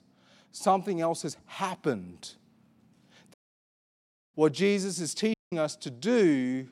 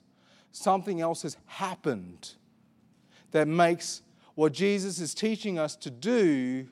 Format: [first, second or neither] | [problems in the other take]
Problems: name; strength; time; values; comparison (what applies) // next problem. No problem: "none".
second | audio cutting out; at 3.5 s for 1 s and at 5.5 s